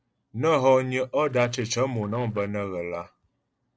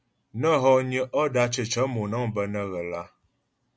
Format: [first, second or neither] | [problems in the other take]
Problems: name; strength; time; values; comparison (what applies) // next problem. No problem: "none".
second | noise reduction (neural separator model SepFormer DNS4)